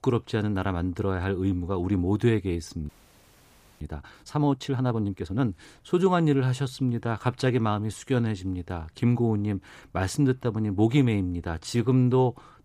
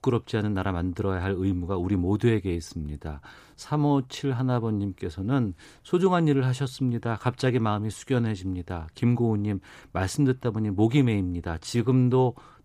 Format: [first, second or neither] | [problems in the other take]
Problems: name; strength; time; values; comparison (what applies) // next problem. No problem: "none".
second | audio freezing; at 3 s for 1 s